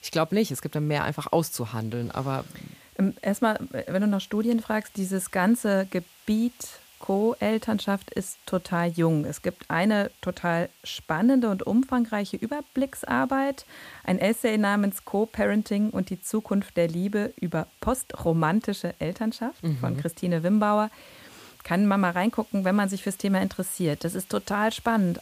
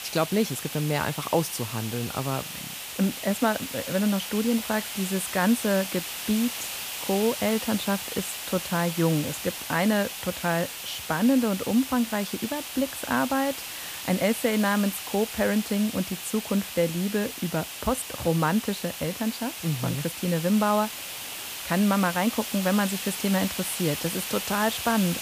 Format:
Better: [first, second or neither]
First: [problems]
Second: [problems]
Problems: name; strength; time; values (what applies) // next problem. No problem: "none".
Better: first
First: hiss; faint; throughout; 25 dB below the speech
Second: hiss; loud; throughout; 6 dB below the speech